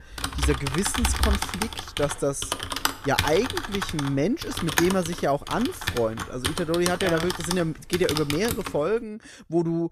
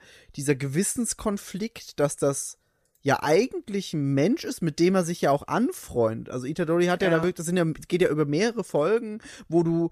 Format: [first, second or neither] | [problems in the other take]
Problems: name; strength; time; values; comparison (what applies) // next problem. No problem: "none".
second | keyboard typing; loud; until 8.5 s; peak 3 dB above the speech